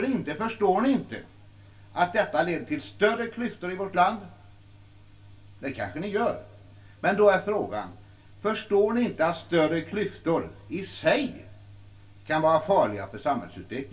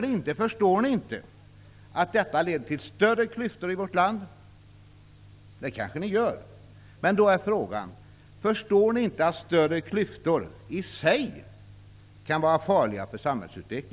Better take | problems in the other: second | room echo; dies away in 0.2 s

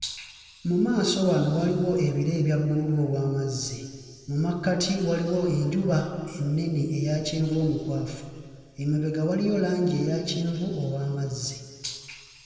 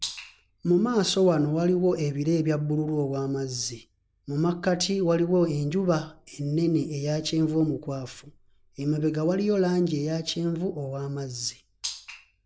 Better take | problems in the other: second | room echo; dies away in 2.2 s

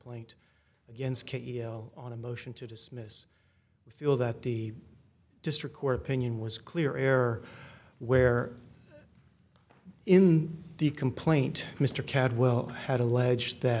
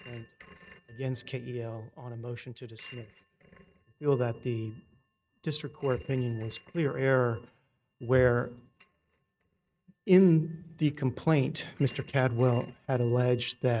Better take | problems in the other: first | noise reduction (neural mask model RNNoise)

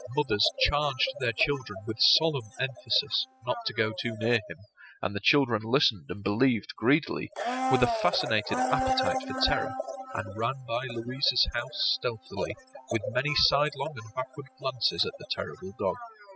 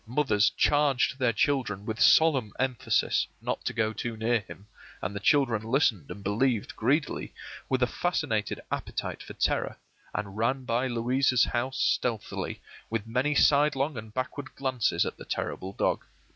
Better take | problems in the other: second | noise reduction (classical method spectral subtraction)

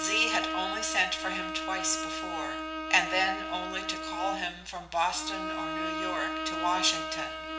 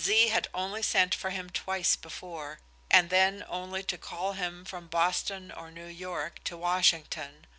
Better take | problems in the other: second | background sound (Bowed string instrument); 3 dB below the speech // room echo; dies away in 0.8 s

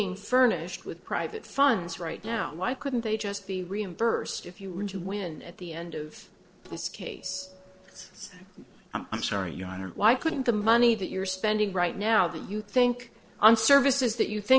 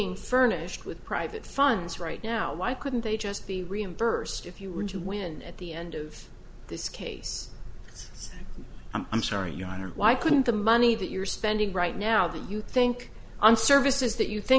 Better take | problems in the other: second | noise reduction (neural separator model SepFormer DNS4)

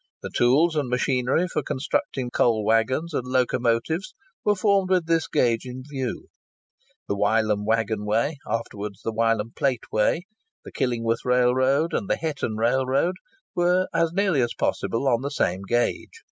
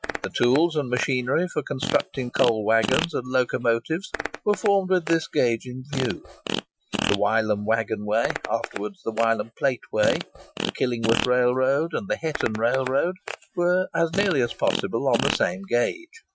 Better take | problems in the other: first | noise reduction (classical method Wiener filter)

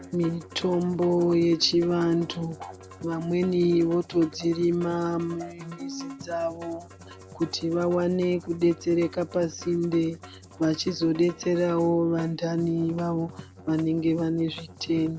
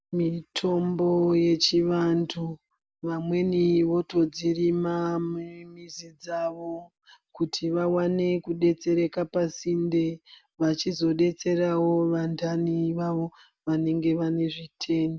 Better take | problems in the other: second | background sound (Musical instrument); 17 dB below the speech

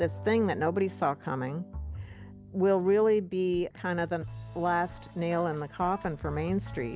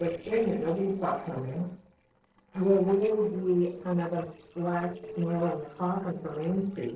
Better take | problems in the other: first | noise reduction (neural separator model SepFormer DNS4)

